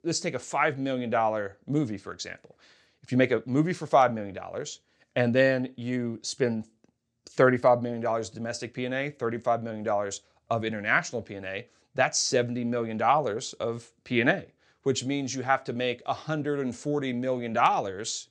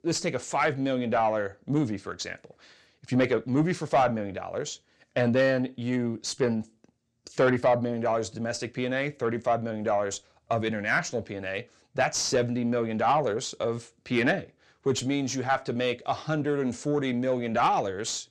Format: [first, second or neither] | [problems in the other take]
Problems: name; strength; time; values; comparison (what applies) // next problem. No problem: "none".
first | distortion; slight; 10 dB below the speech